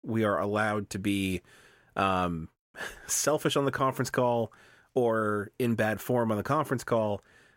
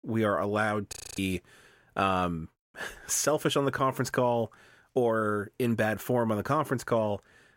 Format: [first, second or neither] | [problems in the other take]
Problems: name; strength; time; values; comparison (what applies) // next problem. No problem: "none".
first | audio freezing; at 1 s